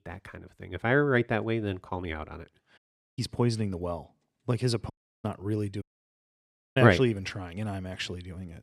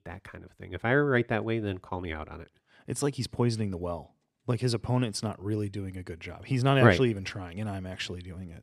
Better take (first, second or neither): second